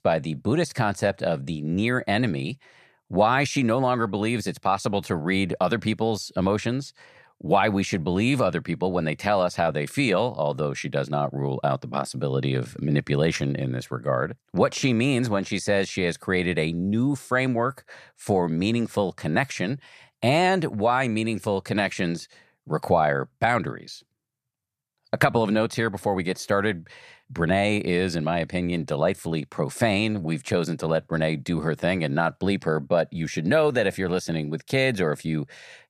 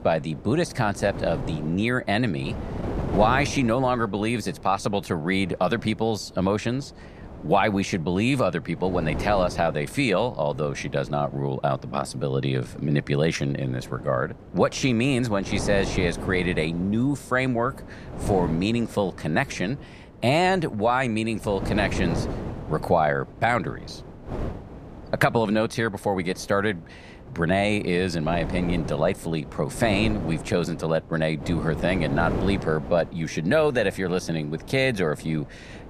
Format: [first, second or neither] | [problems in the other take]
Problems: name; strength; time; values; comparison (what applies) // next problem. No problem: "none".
first | wind noise on the microphone; occasional gusts; 15 dB below the speech